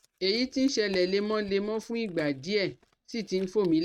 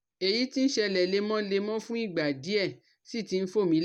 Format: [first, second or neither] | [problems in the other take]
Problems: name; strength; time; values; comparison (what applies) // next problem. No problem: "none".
second | noise reduction (neural mask model RNNoise)